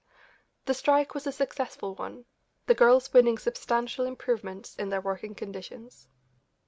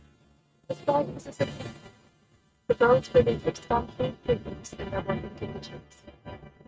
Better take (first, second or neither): first